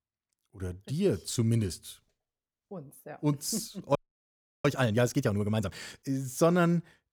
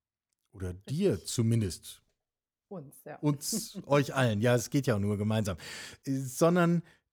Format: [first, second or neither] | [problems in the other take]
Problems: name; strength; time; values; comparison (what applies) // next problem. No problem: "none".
second | audio freezing; at 4 s for 0.5 s